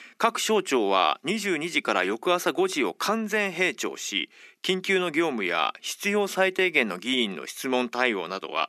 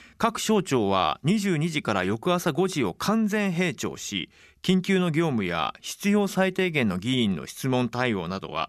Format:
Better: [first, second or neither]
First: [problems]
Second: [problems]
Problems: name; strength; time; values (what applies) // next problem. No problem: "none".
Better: second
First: thin; somewhat; fading below 250 Hz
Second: none